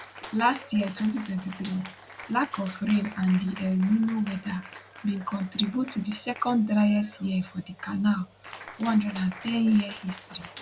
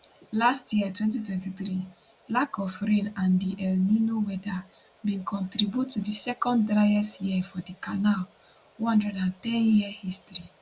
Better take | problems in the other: second | background sound (Cheering); 18 dB below the speech

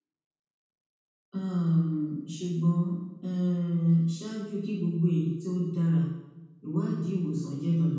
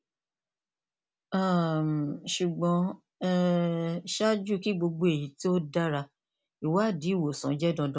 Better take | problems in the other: second | room echo; dies away in 1.1 s

